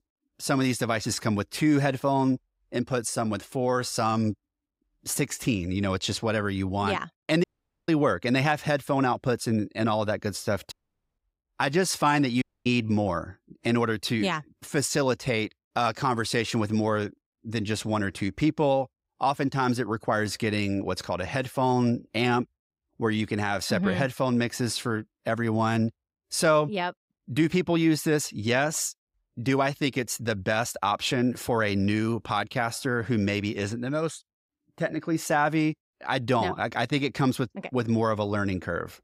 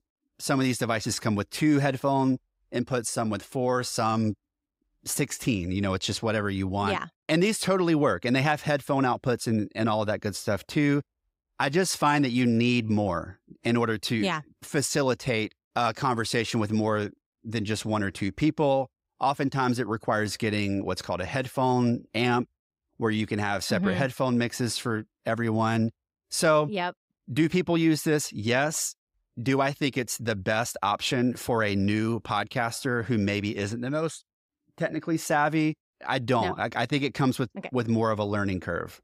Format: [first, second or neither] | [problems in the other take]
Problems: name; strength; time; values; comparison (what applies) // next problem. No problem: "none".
second | audio cutting out; at 7.5 s, at 11 s and at 12 s